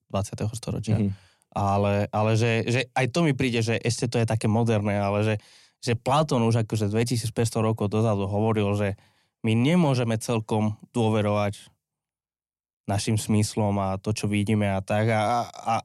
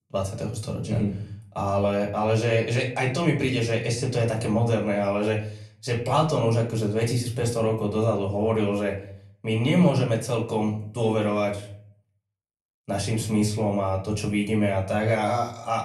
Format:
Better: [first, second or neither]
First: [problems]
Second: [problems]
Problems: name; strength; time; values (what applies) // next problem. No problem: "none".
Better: first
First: none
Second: room echo; slight; dies away in 0.4 s // off-mic speech; far